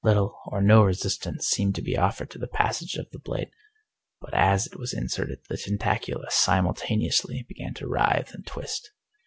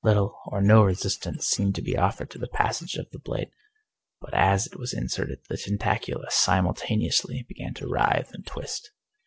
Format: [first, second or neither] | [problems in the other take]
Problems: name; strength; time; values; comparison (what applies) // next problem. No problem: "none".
first | noise reduction (neural separator model SepFormer DNS4)